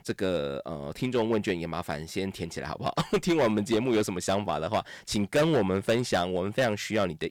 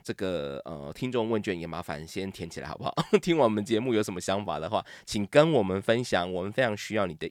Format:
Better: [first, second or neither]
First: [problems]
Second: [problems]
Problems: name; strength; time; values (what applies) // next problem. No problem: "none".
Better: second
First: distortion; heavy; 7% of the sound clipped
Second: none